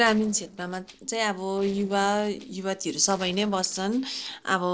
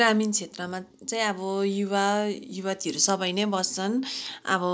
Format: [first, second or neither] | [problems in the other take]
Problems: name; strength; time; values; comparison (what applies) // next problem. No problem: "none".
second | noise reduction (neural separator model SepFormer DNS4)